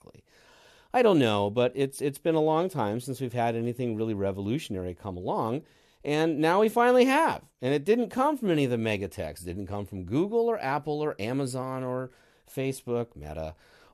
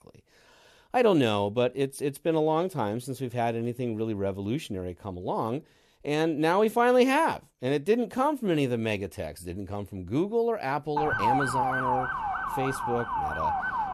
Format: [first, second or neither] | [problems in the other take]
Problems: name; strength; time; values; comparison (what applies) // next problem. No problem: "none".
first | siren; loud; from 11 s on; peak 2 dB above the speech